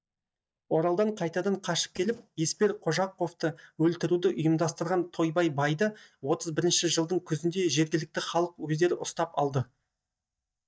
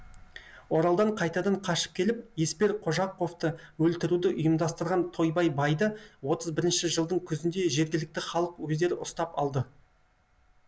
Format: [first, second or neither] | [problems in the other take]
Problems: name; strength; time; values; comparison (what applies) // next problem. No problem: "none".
second | noise reduction (neural mask model DeepFilterNet 3)